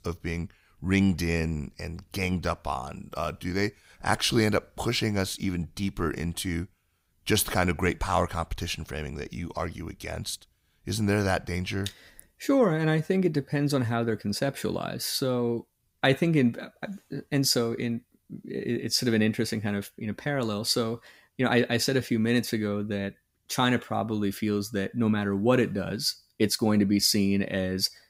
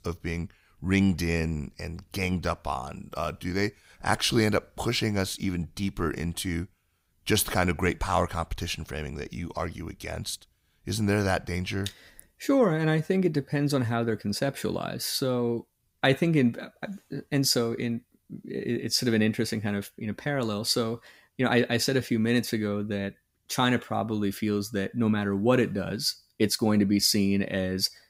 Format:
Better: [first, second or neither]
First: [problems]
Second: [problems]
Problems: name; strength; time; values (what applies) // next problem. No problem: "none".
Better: neither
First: none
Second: none